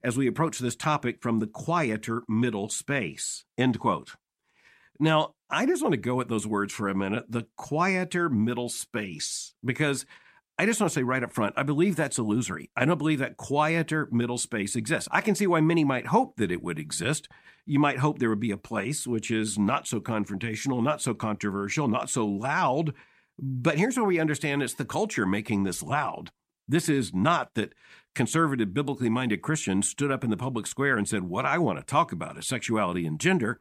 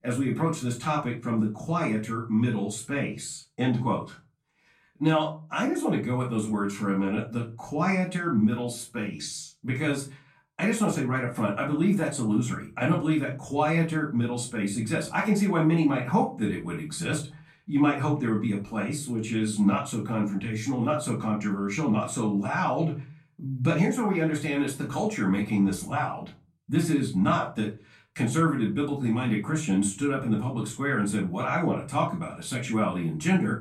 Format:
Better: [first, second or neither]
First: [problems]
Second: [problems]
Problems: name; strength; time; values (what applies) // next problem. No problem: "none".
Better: first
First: none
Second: off-mic speech; far // room echo; slight; dies away in 0.3 s